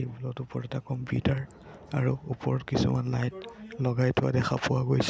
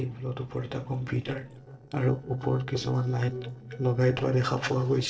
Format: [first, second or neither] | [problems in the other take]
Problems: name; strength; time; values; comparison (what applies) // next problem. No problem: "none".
first | noise reduction (neural separator model SepFormer DNS4)